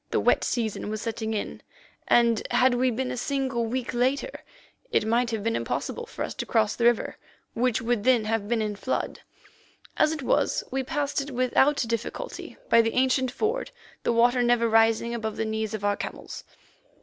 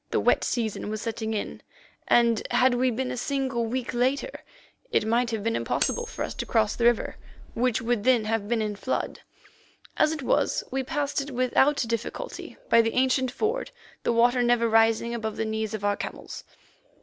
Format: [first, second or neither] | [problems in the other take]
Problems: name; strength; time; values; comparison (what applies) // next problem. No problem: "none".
first | background sound (Cutlery, silverware); 10 dB below the speech